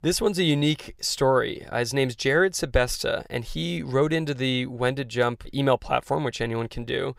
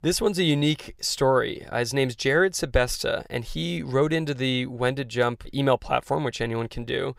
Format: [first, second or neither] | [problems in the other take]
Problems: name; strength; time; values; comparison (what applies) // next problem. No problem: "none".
neither | none